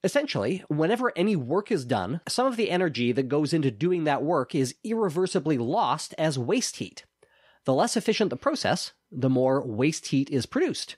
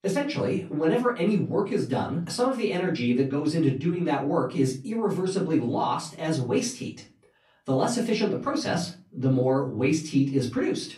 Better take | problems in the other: first | room echo; slight; dies away in 0.3 s // off-mic speech; far

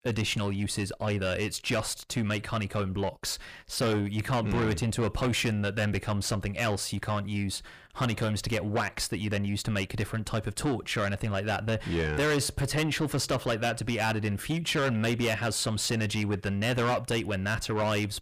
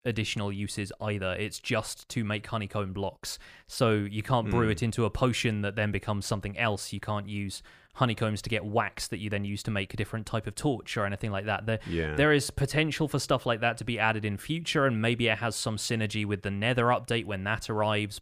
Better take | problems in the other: second | distortion; heavy; 7 dB below the speech

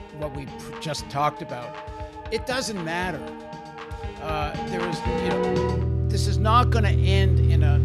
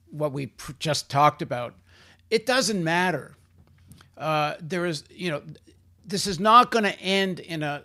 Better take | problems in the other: second | background music; very loud; throughout; 4 dB above the speech

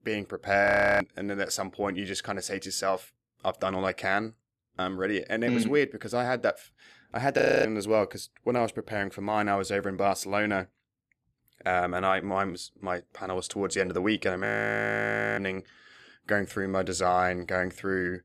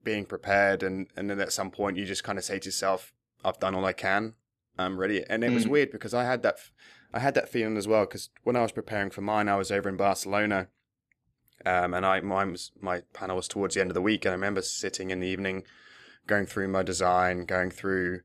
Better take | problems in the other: second | audio freezing; at 0.5 s, at 7.5 s and at 14 s for 1 s

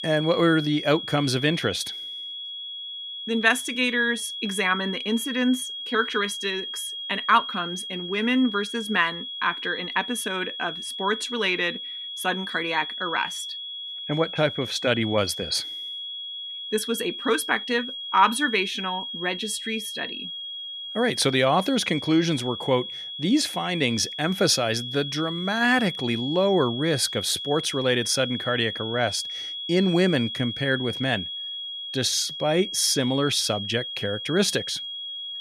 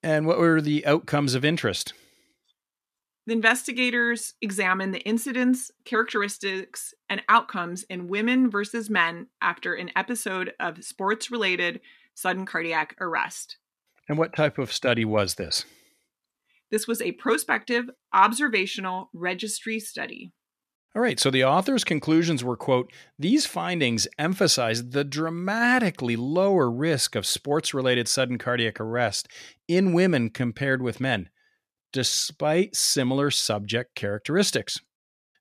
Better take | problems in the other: second | high-pitched whine; loud; throughout; 3.5 kHz, 7 dB below the speech

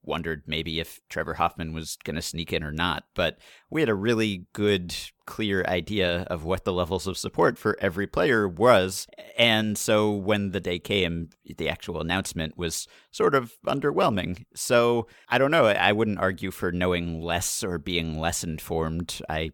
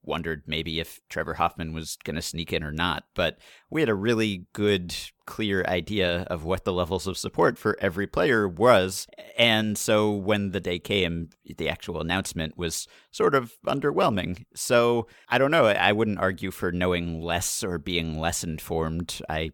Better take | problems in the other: neither | none

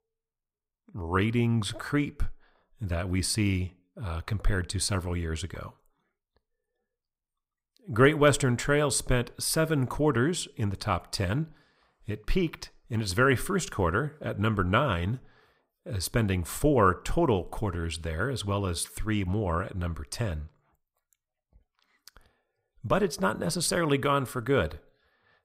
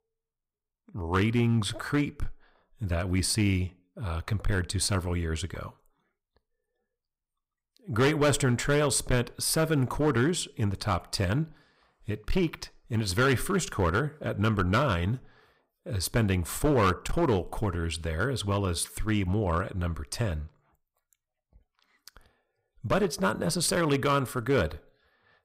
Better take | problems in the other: first | distortion; slight; 4% of the sound clipped

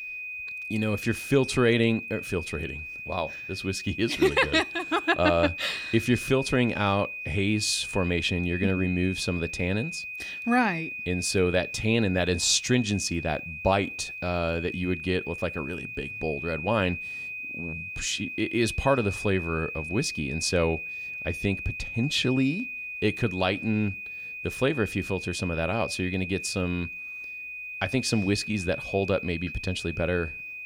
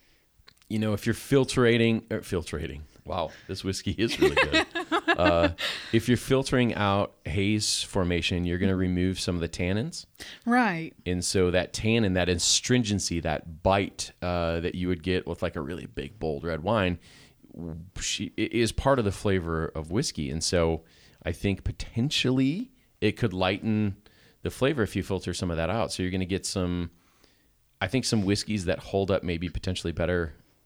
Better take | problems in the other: second | high-pitched whine; loud; throughout; 2.5 kHz, 7 dB below the speech

